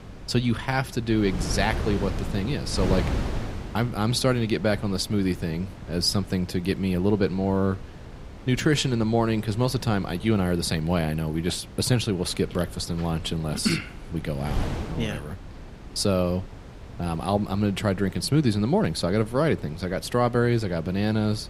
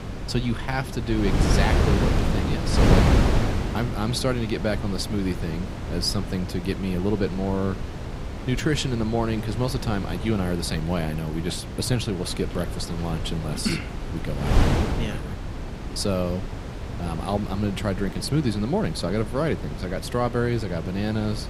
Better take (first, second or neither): first